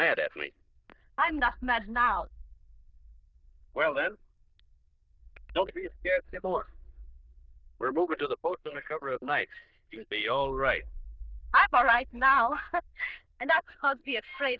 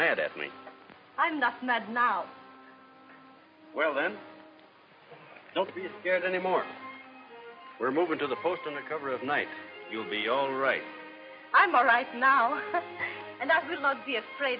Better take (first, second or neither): second